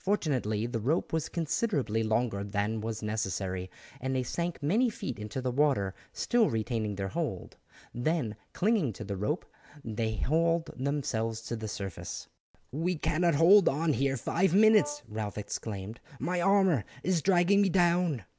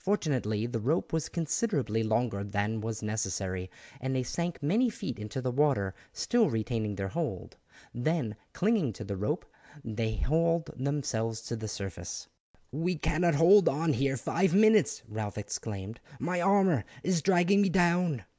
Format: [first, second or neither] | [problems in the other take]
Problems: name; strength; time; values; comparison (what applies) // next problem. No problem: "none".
second | background sound (Brass instrument); 16 dB below the speech